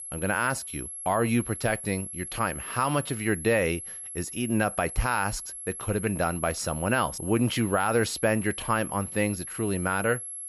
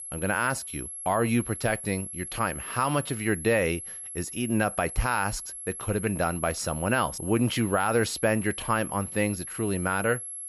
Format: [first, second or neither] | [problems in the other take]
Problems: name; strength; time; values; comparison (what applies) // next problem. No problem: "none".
neither | high-pitched whine; loud; throughout; 11 kHz, 8 dB below the speech; the same in both